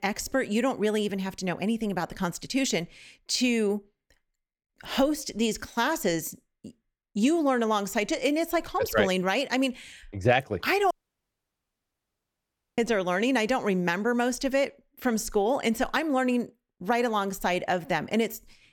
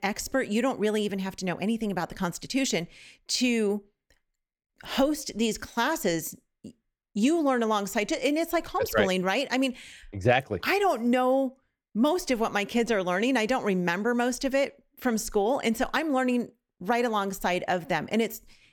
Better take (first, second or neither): second